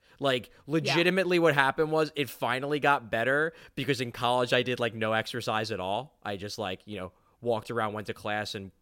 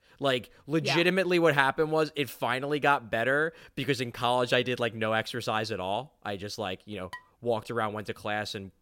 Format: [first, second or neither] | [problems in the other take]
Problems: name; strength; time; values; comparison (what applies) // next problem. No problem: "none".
first | clattering dishes; faint; at 7 s; peak 15 dB below the speech